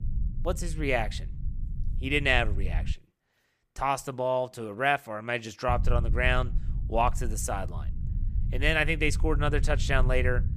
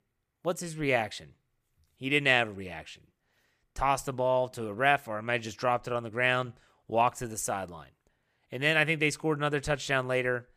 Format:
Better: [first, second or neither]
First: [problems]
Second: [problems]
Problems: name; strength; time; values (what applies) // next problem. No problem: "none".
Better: second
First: low rumble; faint; until 3 s and from 5.5 s on; 20 dB below the speech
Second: none